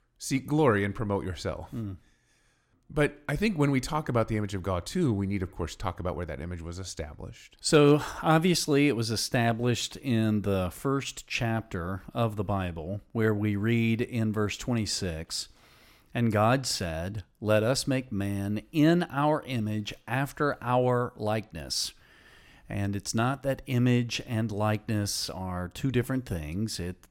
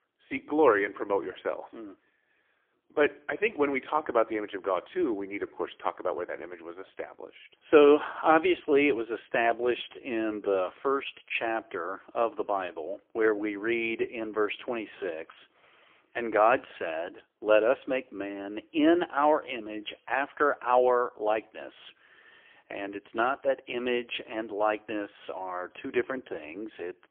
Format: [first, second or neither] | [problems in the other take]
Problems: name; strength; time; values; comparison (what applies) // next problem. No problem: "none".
first | phone-call audio; poor line; nothing above 3.5 kHz